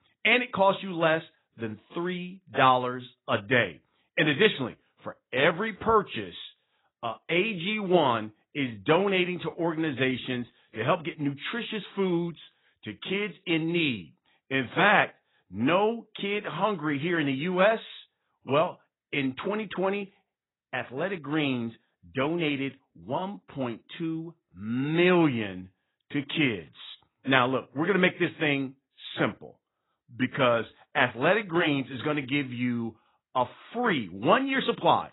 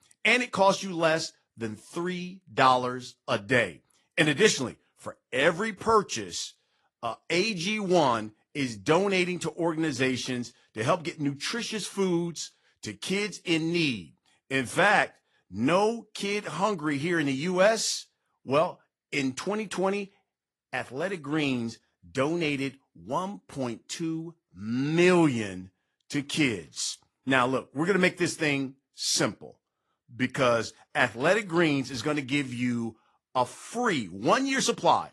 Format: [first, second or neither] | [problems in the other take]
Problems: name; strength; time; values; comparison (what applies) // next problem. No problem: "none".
second | garbled, watery; badly; nothing above 4 kHz; slightly in the second